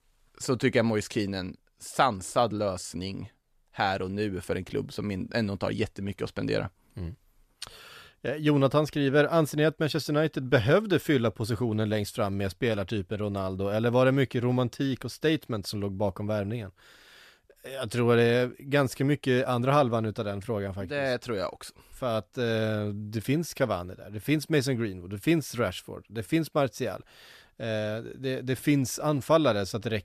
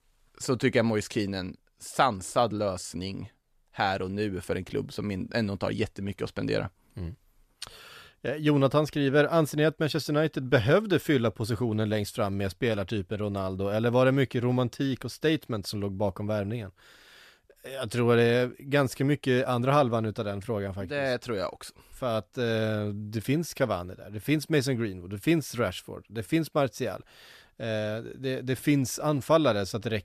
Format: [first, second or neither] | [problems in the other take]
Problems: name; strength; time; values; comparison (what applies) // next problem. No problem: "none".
neither | none